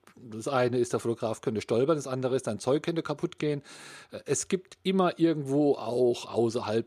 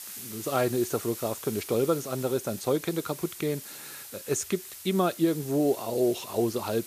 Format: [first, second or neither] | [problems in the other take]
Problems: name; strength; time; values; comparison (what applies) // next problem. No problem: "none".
first | hiss; noticeable; throughout; 10 dB below the speech